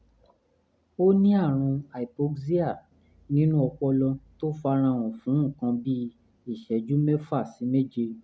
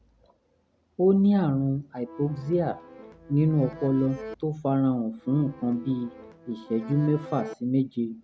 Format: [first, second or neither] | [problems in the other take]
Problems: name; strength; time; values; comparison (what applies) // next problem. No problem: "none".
first | background sound (Accordion); 16 dB below the speech